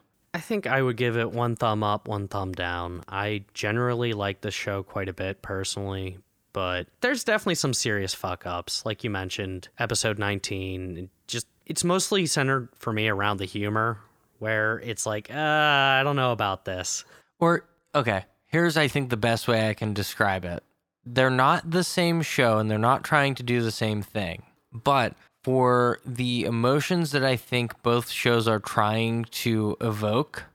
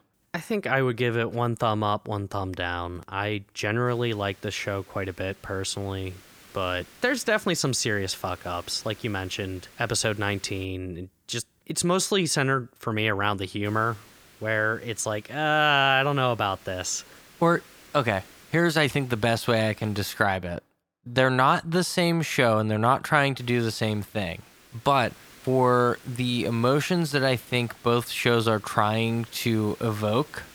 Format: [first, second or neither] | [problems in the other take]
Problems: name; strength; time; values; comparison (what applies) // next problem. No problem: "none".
first | hiss; faint; from 4 to 11 s, from 14 to 20 s and from 23 s on; 25 dB below the speech